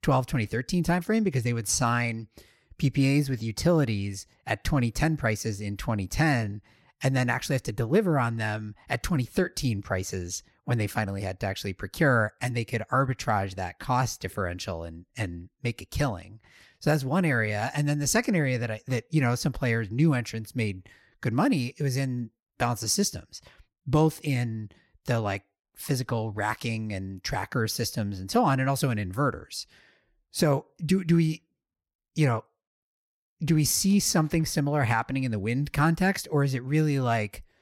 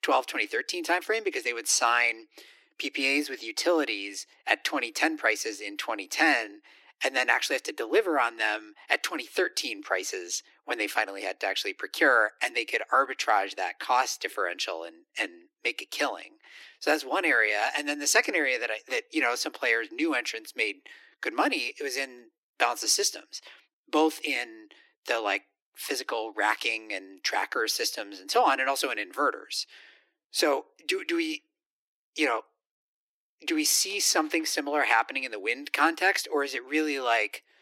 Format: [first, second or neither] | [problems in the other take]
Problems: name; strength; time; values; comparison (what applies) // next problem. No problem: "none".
first | thin; very; fading below 300 Hz